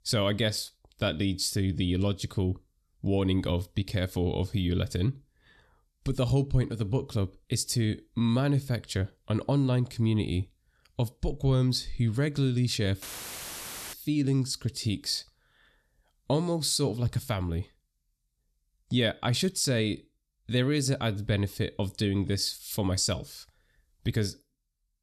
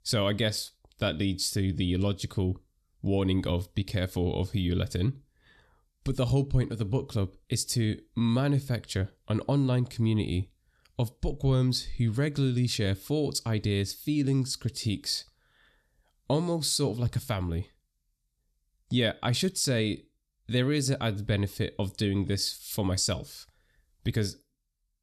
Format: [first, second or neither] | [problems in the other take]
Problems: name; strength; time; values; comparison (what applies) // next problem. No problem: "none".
second | audio cutting out; filled with static; at 13 s for 1 s